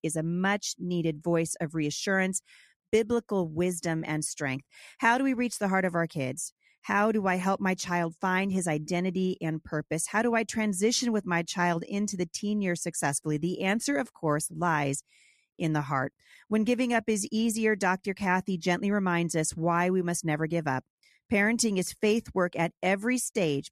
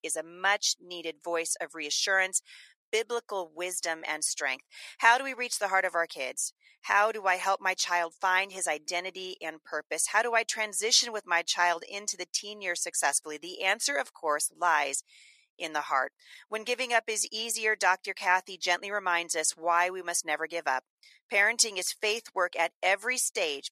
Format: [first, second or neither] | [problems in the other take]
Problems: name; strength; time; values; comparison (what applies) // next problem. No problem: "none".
first | thin; very; fading below 600 Hz